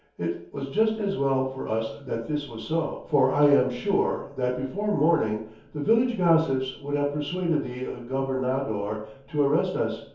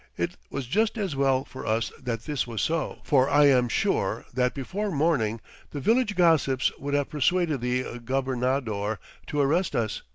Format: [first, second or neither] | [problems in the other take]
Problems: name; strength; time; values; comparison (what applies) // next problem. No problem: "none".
second | room echo; dies away in 0.6 s